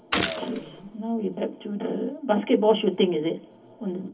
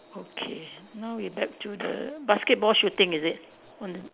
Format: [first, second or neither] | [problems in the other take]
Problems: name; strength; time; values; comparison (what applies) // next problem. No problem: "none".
second | background sound (Gunshot, gunfire); 6 dB below the speech // room echo; dies away in 0.3 s